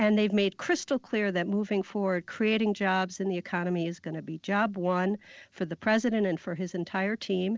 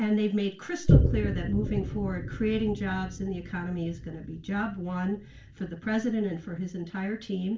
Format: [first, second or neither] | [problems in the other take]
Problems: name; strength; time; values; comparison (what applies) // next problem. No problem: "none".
first | background sound (Boom); 1 dB below the speech // room echo; dies away in 0.3 s